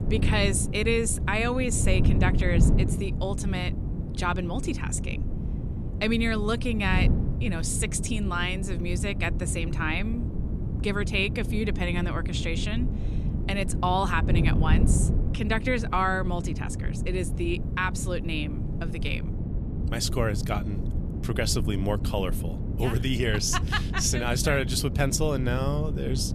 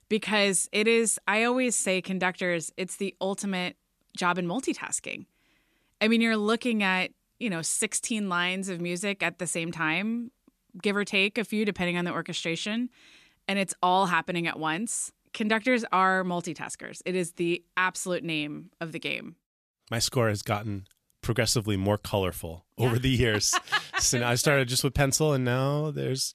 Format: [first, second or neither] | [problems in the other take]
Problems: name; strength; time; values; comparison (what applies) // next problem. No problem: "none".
second | wind noise on the microphone; occasional gusts; 10 dB below the speech